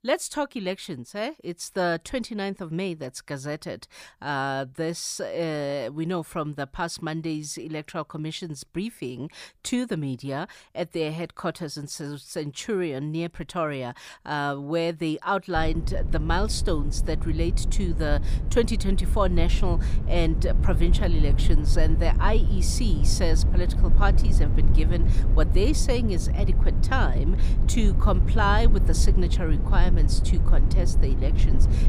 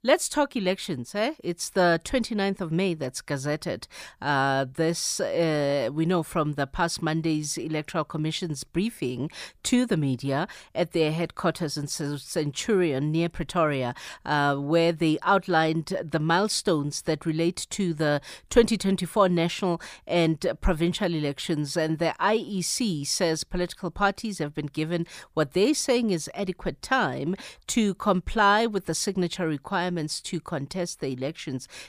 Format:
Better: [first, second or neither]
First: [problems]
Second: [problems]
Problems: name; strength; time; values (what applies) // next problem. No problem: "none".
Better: second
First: low rumble; noticeable; from 16 s on; 10 dB below the speech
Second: none